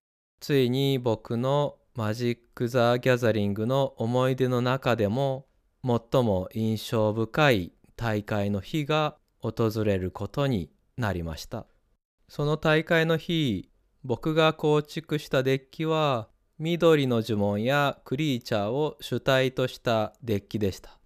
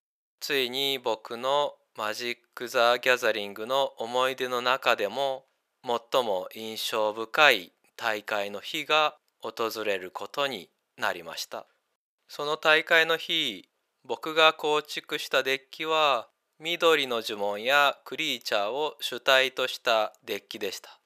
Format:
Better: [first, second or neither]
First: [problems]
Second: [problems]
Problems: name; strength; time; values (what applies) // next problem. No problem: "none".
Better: first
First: none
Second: thin; very; fading below 700 Hz